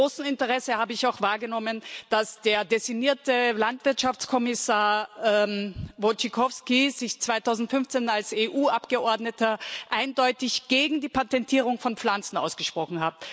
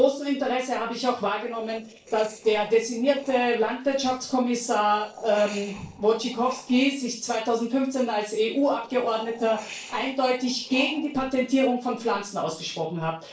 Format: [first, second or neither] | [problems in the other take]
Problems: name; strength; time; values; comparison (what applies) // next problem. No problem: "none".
first | noise reduction (neural separator model SepFormer DNS4)